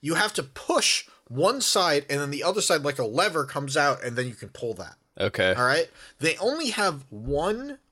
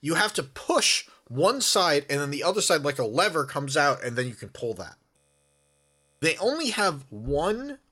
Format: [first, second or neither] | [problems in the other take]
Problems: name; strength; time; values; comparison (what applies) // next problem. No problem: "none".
first | audio freezing; at 5 s for 1 s